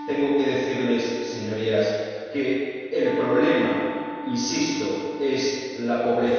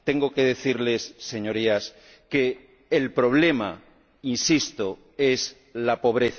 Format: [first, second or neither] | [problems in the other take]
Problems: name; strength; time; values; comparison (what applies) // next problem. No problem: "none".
second | background sound (Wind instrument, woodwind instrument); 13 dB below the speech // room echo; dies away in 1.9 s